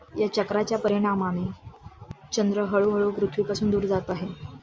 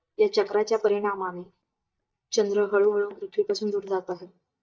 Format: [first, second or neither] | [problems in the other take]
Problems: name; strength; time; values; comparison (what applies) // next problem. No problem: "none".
first | noise reduction (neural mask model DeepFilterNet 3)